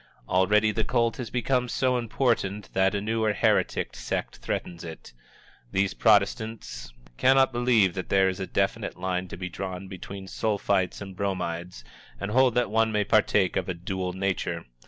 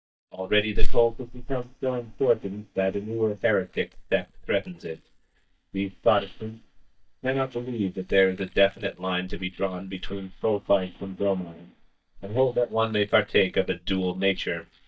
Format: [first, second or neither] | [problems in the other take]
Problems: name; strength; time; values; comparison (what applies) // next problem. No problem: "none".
first | noise reduction (neural mask model DeepFilterNet 3)